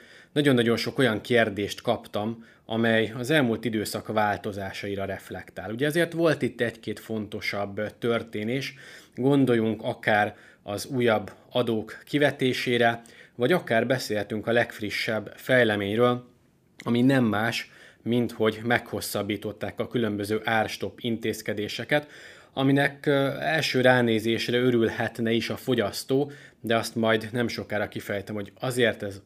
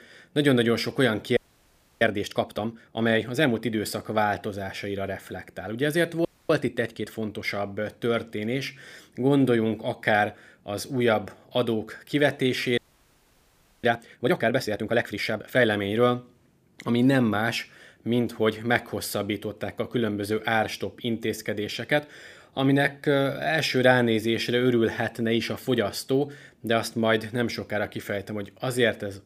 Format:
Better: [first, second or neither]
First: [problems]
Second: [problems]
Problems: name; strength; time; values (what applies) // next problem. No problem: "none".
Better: first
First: none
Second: audio freezing; at 1.5 s for 0.5 s, at 6.5 s and at 13 s for 1 s